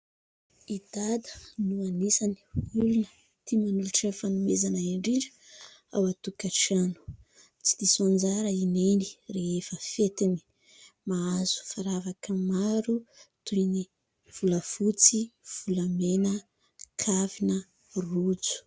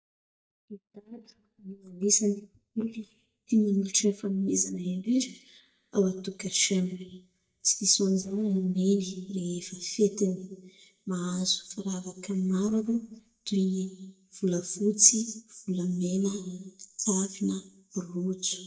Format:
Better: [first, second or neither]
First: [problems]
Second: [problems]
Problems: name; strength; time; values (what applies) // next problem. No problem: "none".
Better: first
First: none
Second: noise reduction (neural mask model DeepFilterNet 3)